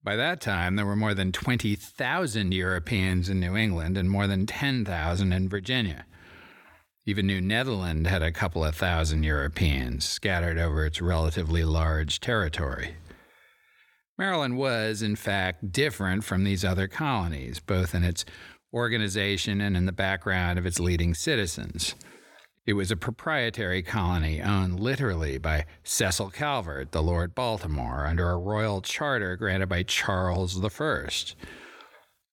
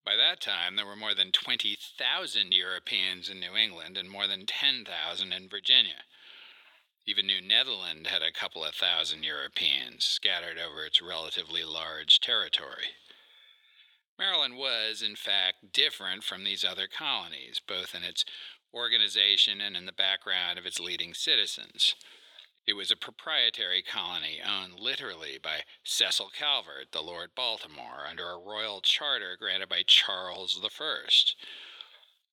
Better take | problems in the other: first | thin; very; fading below 450 Hz

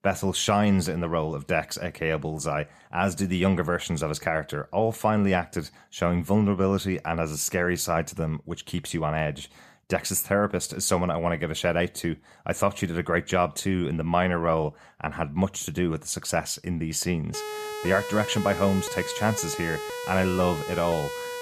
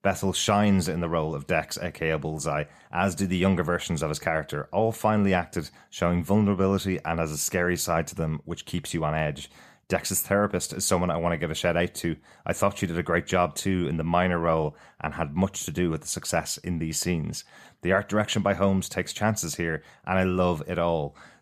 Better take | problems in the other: second | siren; noticeable; from 17 s on; peak 7 dB below the speech

